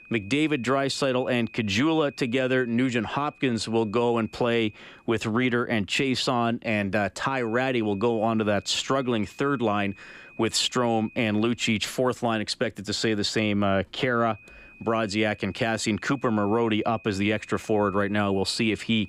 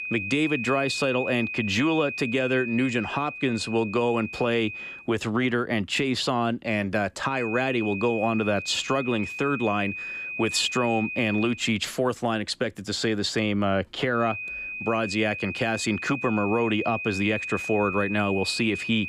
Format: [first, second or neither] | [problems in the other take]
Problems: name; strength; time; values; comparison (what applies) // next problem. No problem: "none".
first | high-pitched whine; loud; until 5 s, from 7.5 to 12 s and from 14 s on; 2.5 kHz, 6 dB below the speech; faint in the first